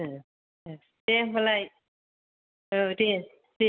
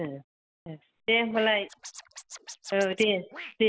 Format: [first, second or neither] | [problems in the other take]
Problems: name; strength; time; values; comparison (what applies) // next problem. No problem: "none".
first | noise reduction (classical method Wiener filter)